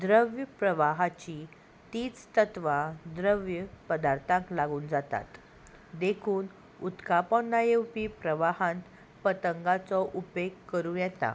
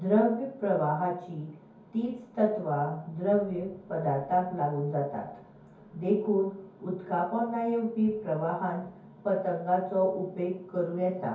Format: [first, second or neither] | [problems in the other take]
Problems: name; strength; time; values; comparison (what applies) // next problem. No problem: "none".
first | room echo; dies away in 0.6 s